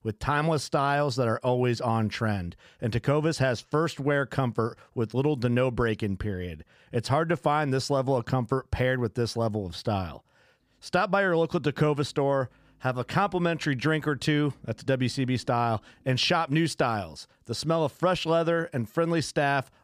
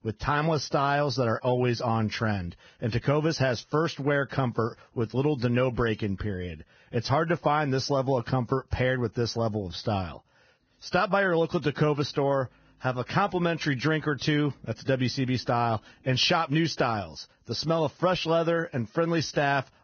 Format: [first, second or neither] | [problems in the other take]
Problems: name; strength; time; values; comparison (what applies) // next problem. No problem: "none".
first | garbled, watery; badly; nothing above 6 kHz